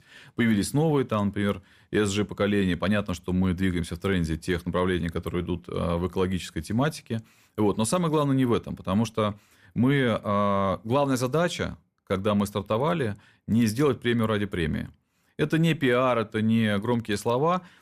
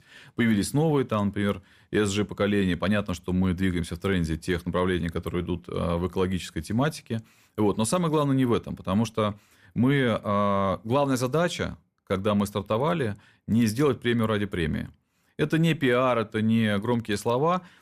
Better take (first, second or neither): neither